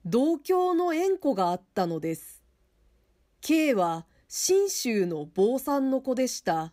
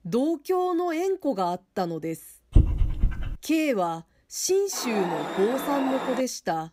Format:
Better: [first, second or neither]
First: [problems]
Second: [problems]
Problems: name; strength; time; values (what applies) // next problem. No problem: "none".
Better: first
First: none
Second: dog barking; loud; at 2.5 s; peak 4 dB above the speech // alarm; noticeable; from 4.5 to 6 s; peak 4 dB below the speech